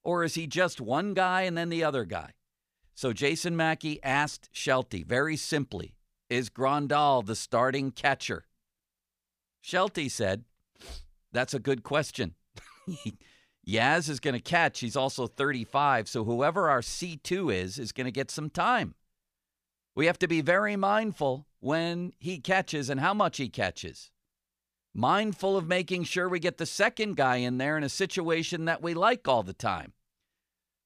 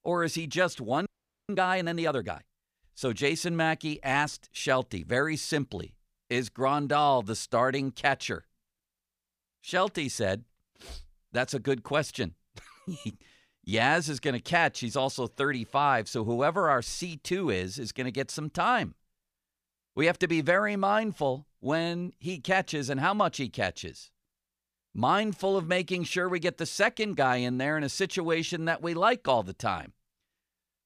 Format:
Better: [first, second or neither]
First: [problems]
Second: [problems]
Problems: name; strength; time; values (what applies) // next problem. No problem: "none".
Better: first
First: none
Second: audio freezing; at 1 s